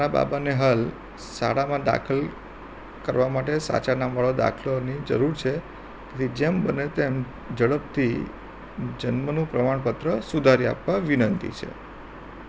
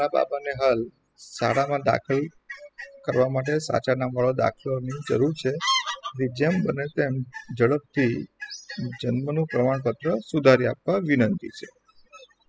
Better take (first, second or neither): first